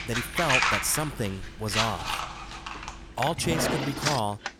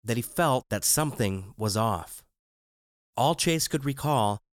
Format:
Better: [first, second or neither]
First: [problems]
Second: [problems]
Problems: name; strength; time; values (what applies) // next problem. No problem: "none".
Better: second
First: household noises; very loud; throughout; 1 dB above the speech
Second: none